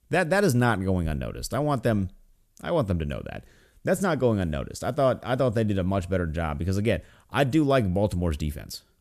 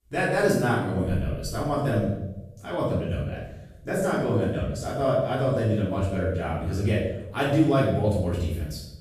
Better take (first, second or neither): first